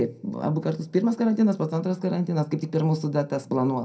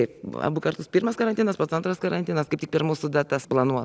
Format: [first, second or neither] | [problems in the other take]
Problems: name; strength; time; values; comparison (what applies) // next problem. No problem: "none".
second | room echo; dies away in 0.2 s